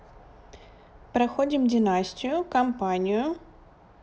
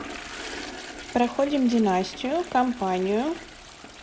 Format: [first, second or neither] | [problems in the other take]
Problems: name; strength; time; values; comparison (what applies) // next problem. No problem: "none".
first | background sound (Toilet flush); 13 dB below the speech